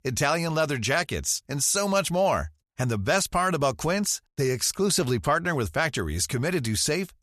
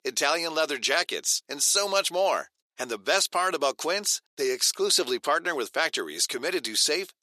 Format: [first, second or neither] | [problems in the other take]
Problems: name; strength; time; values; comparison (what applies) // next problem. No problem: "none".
first | thin; very; fading below 350 Hz